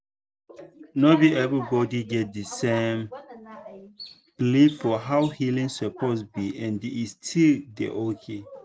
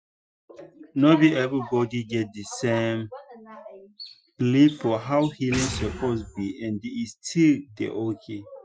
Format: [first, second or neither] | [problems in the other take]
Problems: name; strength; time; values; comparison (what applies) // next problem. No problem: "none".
first | noise reduction (classical method Wiener filter)